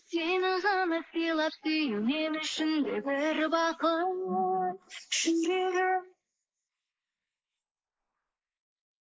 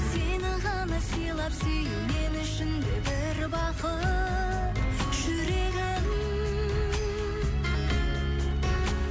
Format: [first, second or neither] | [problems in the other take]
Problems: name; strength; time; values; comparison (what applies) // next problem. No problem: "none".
second | noise reduction (neural mask model Resemble Enhance denoiser)